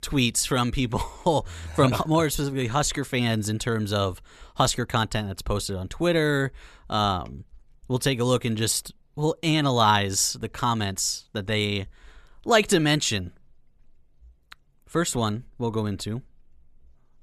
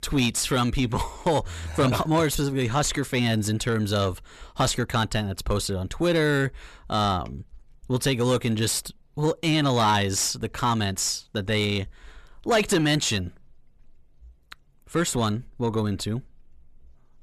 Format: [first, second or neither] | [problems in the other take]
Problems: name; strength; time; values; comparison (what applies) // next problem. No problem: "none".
first | distortion; slight; 10 dB below the speech